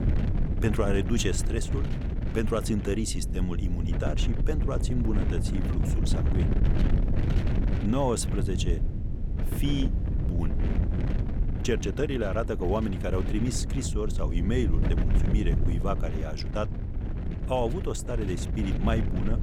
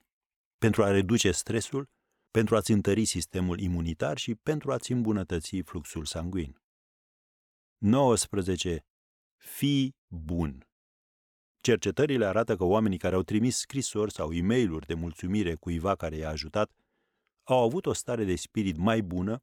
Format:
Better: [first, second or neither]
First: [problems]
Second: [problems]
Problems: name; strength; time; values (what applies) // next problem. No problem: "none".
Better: second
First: wind noise on the microphone; heavy; 7 dB below the speech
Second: none